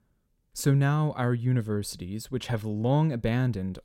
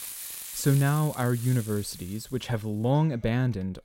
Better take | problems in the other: first | household noises; noticeable; throughout; 10 dB below the speech

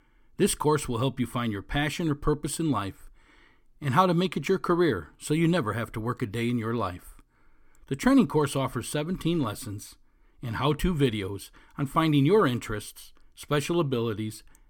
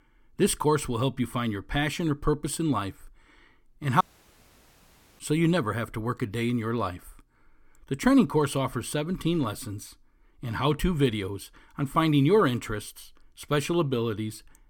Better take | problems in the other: first | audio cutting out; at 4 s for 1 s

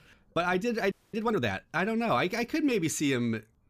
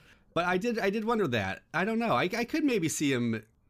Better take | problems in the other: second | audio freezing; at 1 s

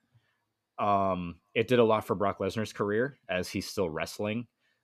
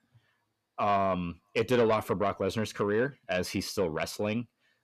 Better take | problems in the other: first | distortion; slight; 10 dB below the speech

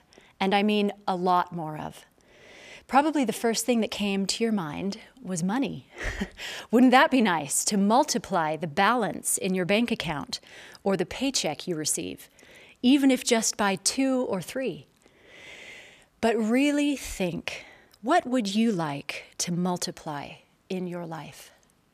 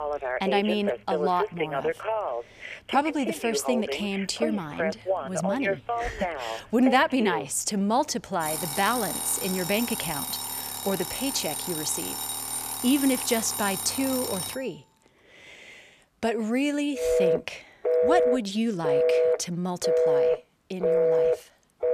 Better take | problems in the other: first | alarms or sirens; loud; throughout; as loud as the speech

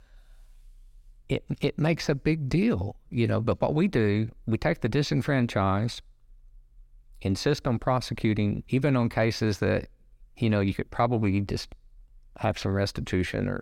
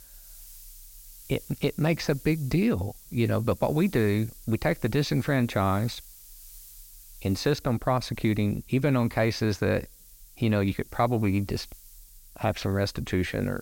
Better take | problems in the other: first | hiss; faint; throughout; 20 dB below the speech

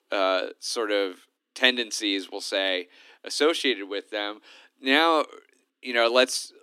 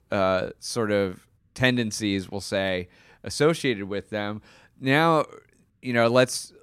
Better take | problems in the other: second | thin; very slightly; fading below 250 Hz

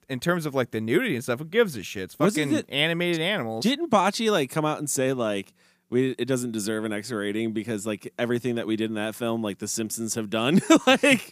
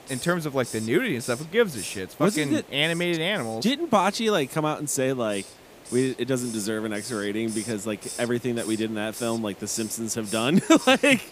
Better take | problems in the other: first | hiss; noticeable; throughout; 15 dB below the speech

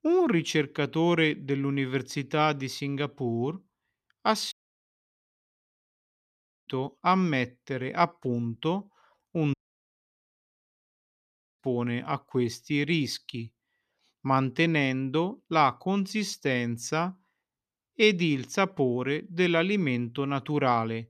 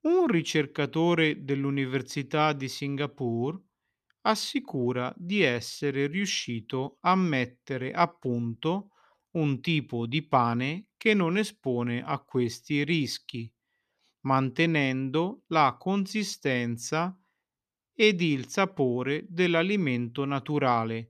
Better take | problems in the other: second | audio cutting out; at 4.5 s for 2 s and at 9.5 s for 2 s

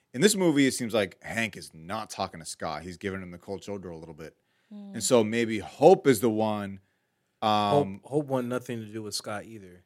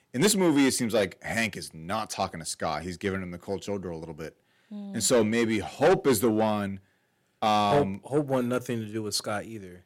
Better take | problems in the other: first | distortion; heavy; 8 dB below the speech

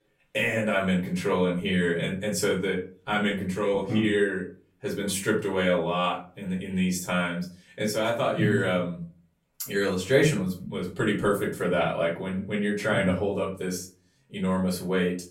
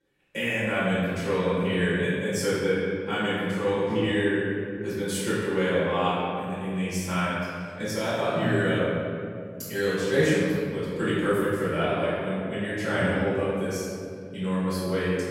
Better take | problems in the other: first | room echo; strong; dies away in 2.5 s; slight in the first // off-mic speech; far; far in the first

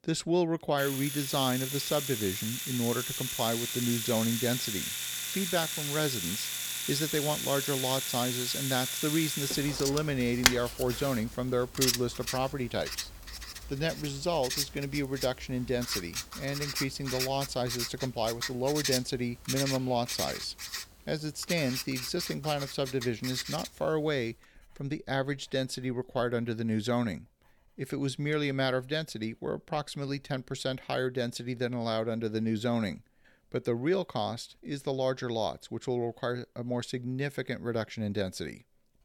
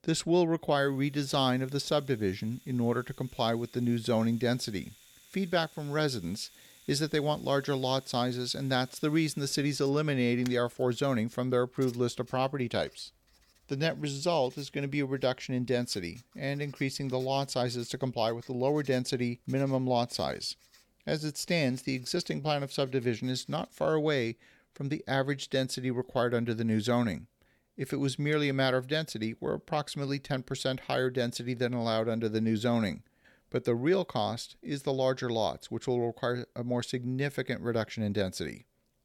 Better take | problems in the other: second | household noises; loud; throughout; 1 dB below the speech; faint in the second

